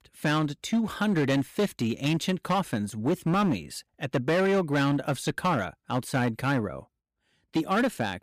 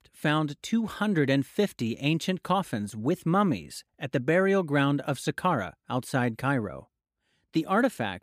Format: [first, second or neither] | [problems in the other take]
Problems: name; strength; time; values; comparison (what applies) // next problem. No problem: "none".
second | distortion; slight; 10% of the sound clipped